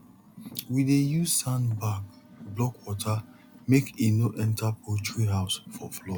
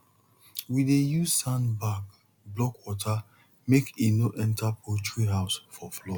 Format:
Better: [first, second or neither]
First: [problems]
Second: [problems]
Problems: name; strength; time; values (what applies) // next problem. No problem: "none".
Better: second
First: background sound (Car); 20 dB below the speech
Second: none